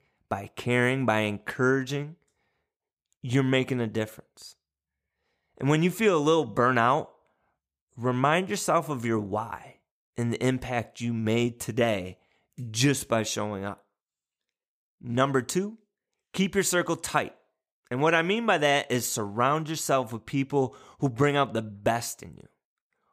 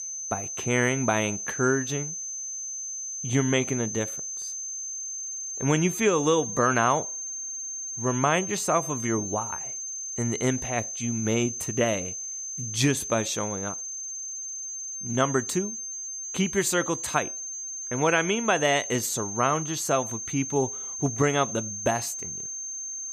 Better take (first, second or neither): first